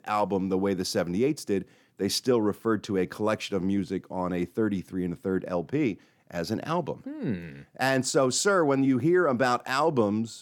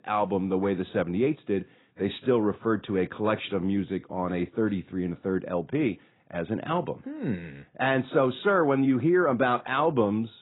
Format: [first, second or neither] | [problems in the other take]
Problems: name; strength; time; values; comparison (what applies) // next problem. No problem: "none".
first | garbled, watery; badly; nothing above 4 kHz